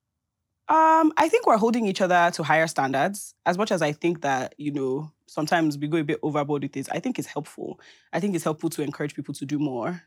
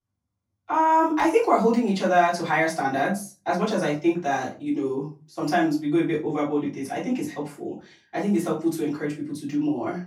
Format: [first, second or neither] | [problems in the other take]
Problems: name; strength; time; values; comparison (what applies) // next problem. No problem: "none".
first | room echo; slight; dies away in 0.3 s // off-mic speech; far